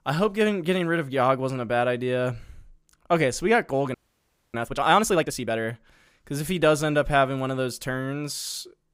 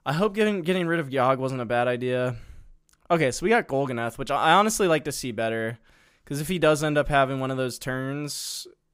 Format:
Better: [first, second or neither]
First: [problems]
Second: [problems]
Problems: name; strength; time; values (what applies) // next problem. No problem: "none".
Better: second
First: audio freezing; at 4 s for 0.5 s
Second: none